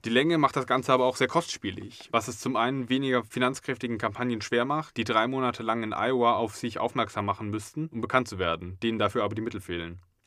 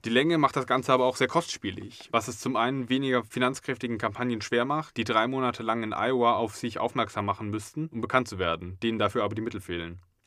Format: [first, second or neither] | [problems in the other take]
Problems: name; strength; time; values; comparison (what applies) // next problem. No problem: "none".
neither | none